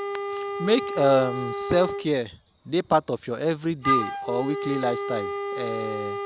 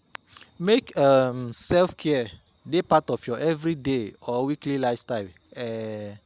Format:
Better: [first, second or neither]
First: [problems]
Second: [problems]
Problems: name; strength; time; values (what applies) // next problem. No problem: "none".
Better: second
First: background sound (Wind instrument, woodwind instrument); 4 dB below the speech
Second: none